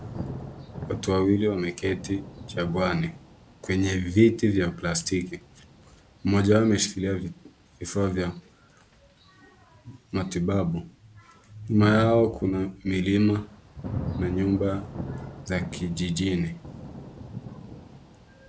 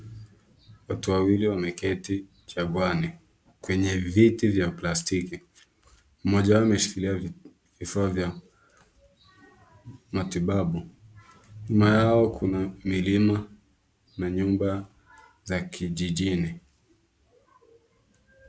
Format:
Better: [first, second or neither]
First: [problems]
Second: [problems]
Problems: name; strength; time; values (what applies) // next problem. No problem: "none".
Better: second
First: background sound (Thunder / Rain); 14 dB below the speech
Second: none